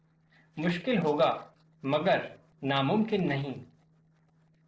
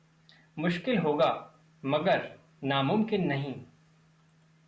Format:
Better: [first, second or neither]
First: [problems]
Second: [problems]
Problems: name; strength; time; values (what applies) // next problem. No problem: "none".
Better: second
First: noise reduction (neural separator model SepFormer DNS4)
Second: none